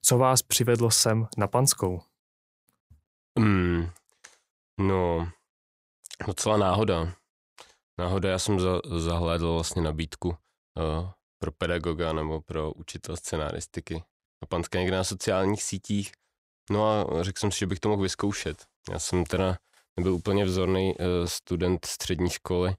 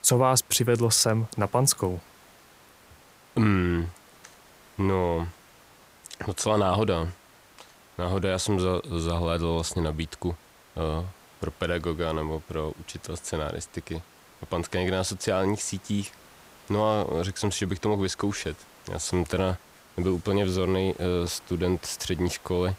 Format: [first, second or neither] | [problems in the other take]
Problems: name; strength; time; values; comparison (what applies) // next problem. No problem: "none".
first | hiss; faint; throughout; 25 dB below the speech